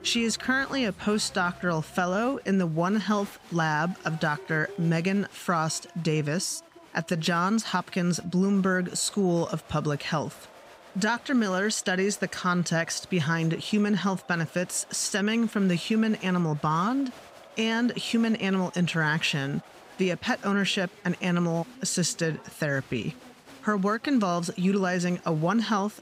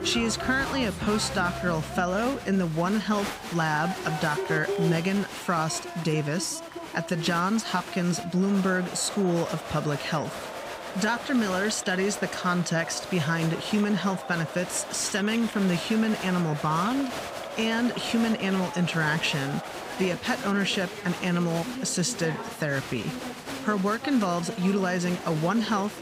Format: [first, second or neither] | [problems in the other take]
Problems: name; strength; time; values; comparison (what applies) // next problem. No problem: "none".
first | crowd noise; loud; throughout; 8 dB below the speech; faint in the first